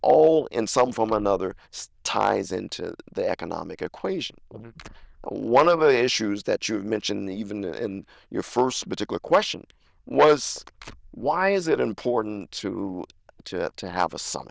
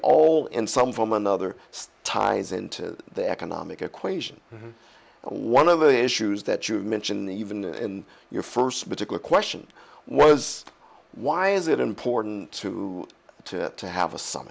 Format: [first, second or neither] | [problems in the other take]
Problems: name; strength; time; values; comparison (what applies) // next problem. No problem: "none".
second | noise reduction (neural diffusion model UNIVERSE++)